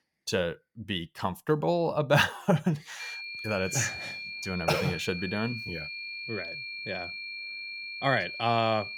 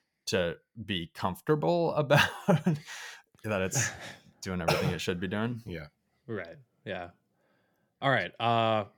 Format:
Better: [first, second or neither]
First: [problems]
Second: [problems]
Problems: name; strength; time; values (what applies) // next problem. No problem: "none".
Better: second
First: high-pitched whine; loud; from 3 s on; 2.5 kHz, 7 dB below the speech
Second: none